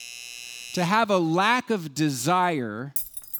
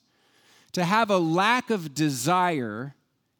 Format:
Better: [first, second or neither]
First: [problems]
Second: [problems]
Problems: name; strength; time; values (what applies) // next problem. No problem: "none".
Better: second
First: doorbell; faint; at the start; peak 10 dB below the speech // jangling keys; noticeable; at 3 s; peak 5 dB below the speech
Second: none